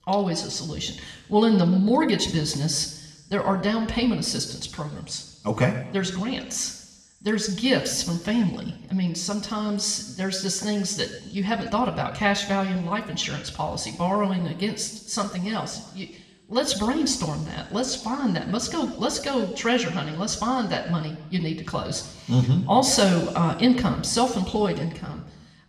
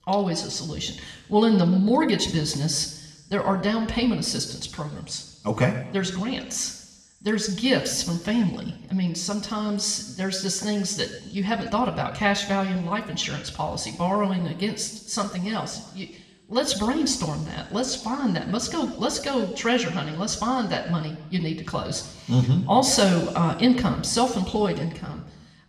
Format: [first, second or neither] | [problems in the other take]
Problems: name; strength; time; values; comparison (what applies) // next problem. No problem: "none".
neither | room echo; slight; dies away in 0.9 s; the same in both // off-mic speech; somewhat distant; the same in both